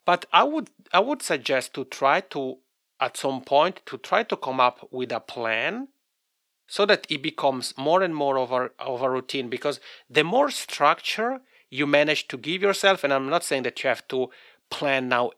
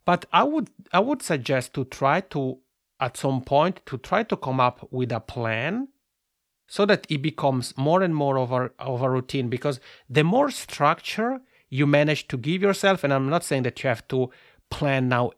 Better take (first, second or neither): second